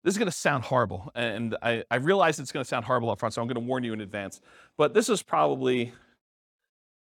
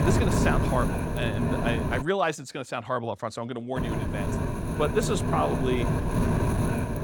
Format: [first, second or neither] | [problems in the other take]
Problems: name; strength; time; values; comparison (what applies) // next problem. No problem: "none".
first | wind noise on the microphone; heavy; until 2 s and from 4 s on; 2 dB below the speech